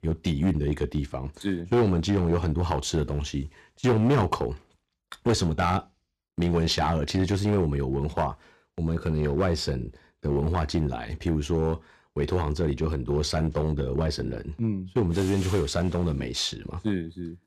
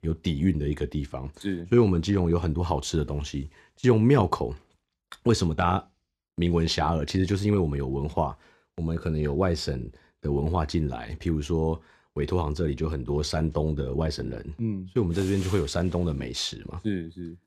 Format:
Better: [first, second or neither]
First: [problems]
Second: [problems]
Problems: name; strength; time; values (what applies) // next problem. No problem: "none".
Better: second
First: distortion; slight; 5% of the sound clipped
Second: none